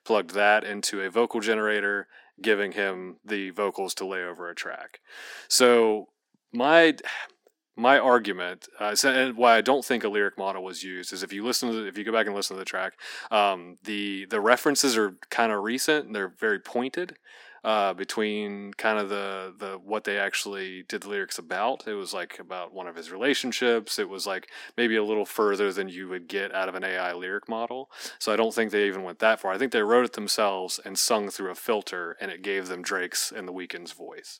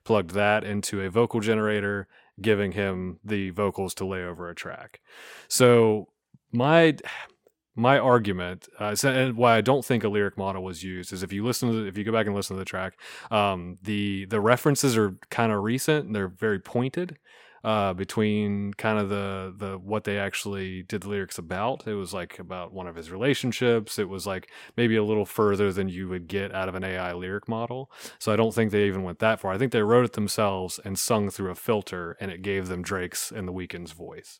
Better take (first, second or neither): second